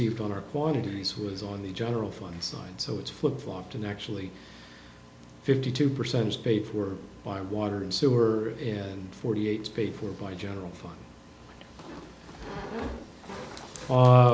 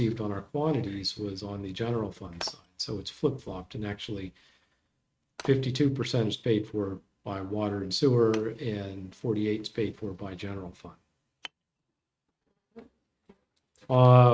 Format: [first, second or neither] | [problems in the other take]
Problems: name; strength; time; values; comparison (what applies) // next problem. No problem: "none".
first | noise reduction (neural mask model RNNoise)